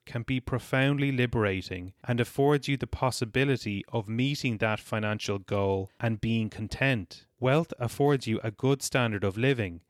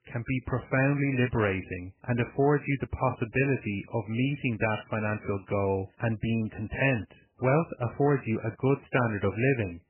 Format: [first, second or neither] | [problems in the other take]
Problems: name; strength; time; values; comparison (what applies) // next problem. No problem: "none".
first | garbled, watery; badly; nothing above 2.5 kHz